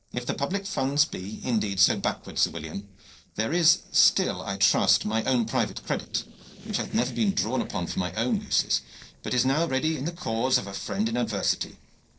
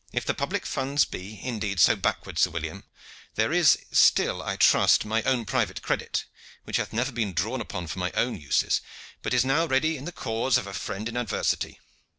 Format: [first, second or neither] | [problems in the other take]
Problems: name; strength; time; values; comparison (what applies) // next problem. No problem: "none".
second | noise reduction (neural separator model SepFormer DNS4)